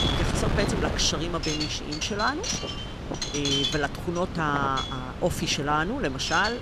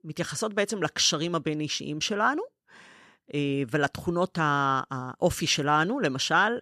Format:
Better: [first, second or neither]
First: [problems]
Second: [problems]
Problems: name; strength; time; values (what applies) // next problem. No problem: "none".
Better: second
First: wind noise on the microphone; heavy; 4 dB below the speech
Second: none